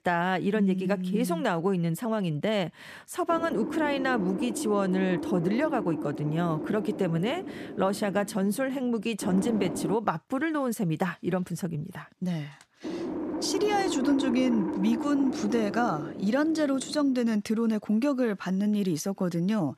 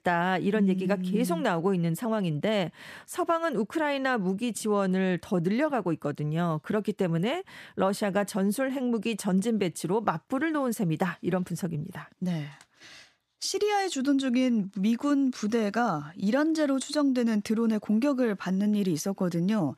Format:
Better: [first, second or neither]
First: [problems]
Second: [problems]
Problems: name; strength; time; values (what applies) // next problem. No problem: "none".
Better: second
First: wind noise on the microphone; heavy; from 3.5 to 10 s and from 13 to 17 s; 7 dB below the speech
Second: none